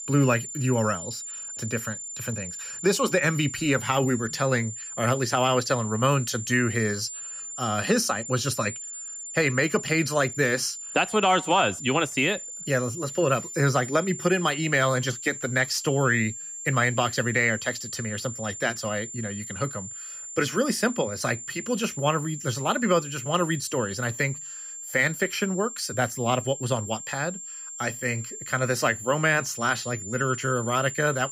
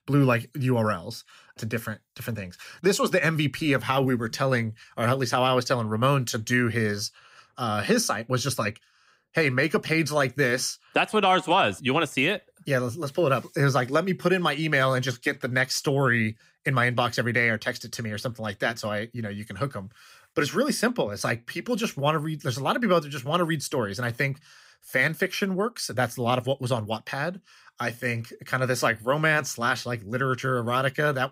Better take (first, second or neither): second